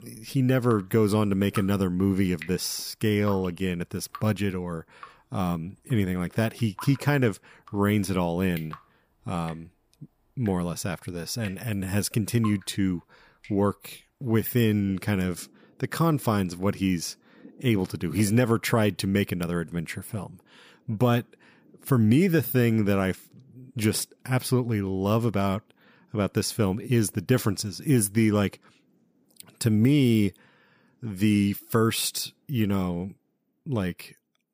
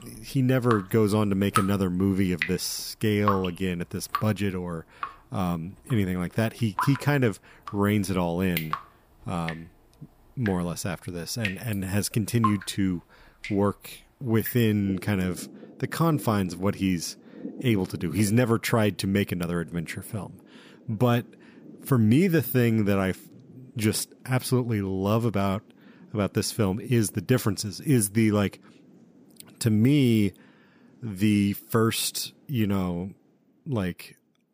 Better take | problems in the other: first | rain or running water; loud; throughout; 10 dB below the speech; faint in the first

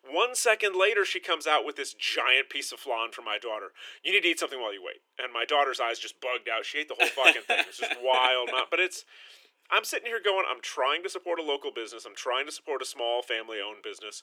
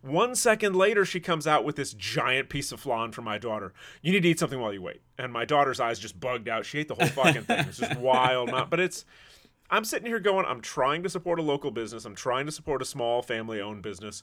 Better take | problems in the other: second | thin; very; fading below 350 Hz

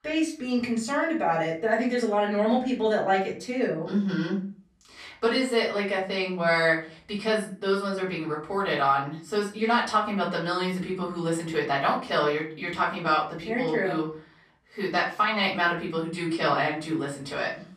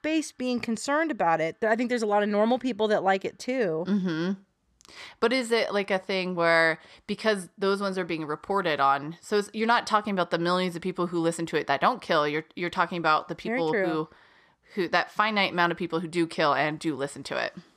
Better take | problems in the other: second | room echo; slight; dies away in 0.3 s // off-mic speech; far

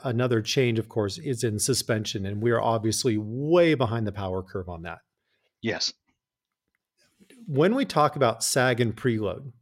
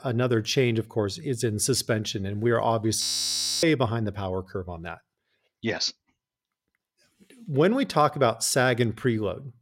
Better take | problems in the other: first | audio freezing; at 3 s for 0.5 s

